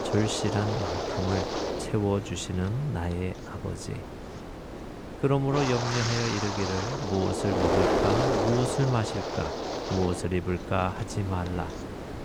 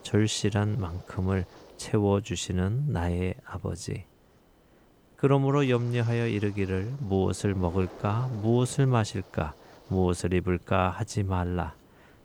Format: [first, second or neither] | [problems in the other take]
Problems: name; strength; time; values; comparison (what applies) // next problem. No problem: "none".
second | wind noise on the microphone; heavy; 3 dB above the speech; occasional gusts in the second